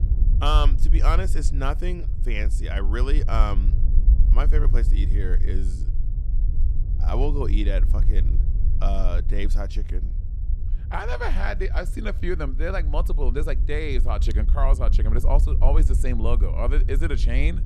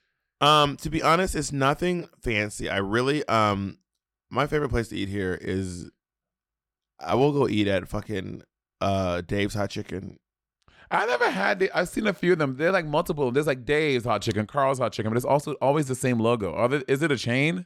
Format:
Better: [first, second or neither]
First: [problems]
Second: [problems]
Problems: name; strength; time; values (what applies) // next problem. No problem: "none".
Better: second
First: low rumble; noticeable; throughout; 15 dB below the speech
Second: none